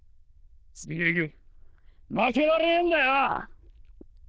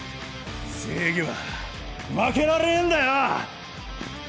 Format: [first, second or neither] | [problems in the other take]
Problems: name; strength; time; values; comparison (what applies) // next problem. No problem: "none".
second | noise reduction (neural diffusion model UNIVERSE++)